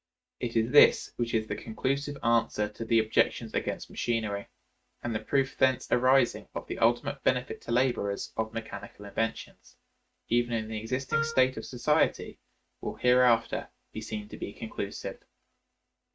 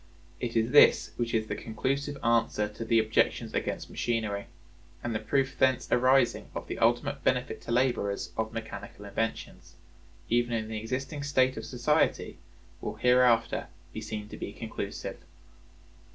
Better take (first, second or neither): second